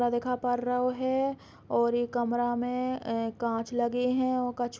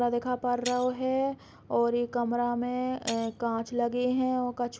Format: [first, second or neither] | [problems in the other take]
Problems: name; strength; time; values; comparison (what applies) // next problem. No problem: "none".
first | background sound (Shatter); 19 dB below the speech